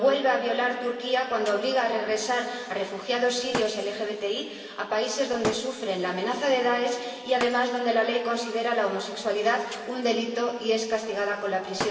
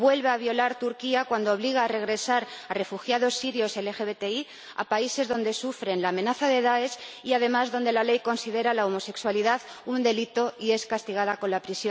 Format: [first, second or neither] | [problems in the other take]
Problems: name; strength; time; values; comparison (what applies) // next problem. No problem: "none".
second | background sound (Shatter); 16 dB below the speech // room echo; dies away in 2.7 s